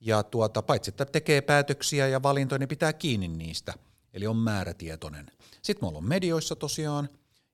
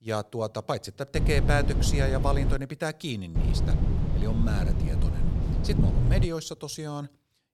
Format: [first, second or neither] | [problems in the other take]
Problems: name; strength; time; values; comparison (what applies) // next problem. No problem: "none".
first | low rumble; loud; from 1 to 2.5 s and from 3.5 to 6.5 s; 6 dB below the speech